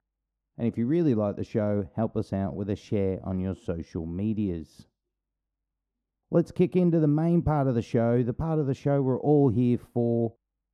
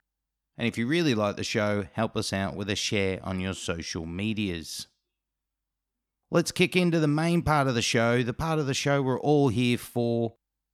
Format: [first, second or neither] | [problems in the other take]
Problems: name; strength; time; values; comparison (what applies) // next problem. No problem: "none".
second | muffled; very; fading above 1 kHz